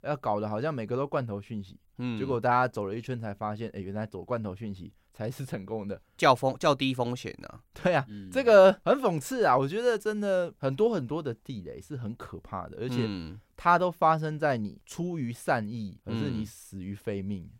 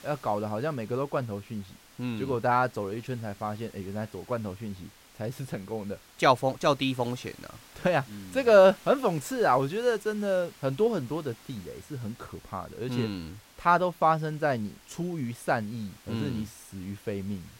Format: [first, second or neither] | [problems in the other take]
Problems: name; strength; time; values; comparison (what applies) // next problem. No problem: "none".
first | hiss; faint; throughout; 25 dB below the speech